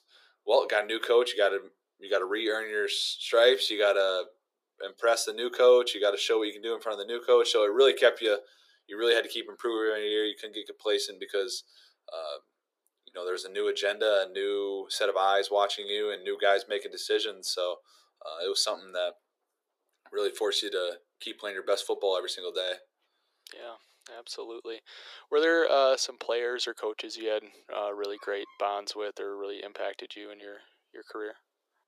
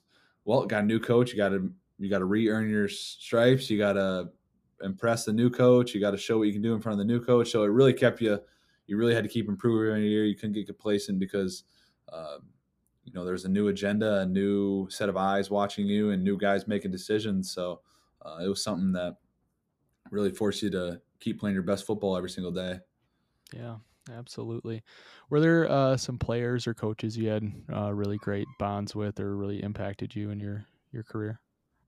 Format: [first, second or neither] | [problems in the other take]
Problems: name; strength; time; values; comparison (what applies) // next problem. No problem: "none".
second | thin; very; fading below 400 Hz